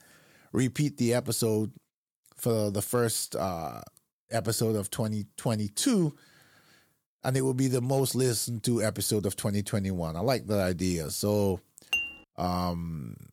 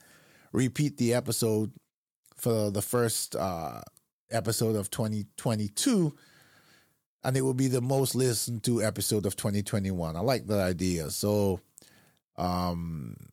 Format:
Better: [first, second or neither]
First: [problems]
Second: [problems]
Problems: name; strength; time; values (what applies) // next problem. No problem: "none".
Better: second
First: clattering dishes; noticeable; at 12 s; peak level with the speech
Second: none